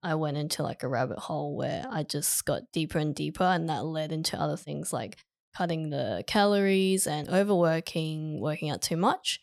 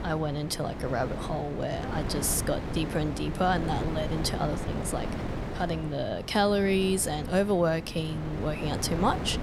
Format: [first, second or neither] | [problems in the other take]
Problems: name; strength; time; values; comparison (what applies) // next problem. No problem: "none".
first | wind noise on the microphone; heavy; 9 dB below the speech